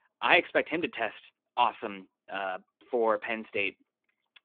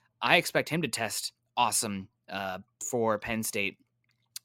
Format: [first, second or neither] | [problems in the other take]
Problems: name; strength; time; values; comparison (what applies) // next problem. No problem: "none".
second | phone-call audio; nothing above 3.5 kHz